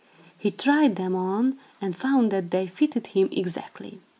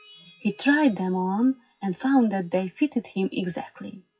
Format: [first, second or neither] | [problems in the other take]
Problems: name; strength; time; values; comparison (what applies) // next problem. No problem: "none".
first | noise reduction (classical method WPE with log-MMSE)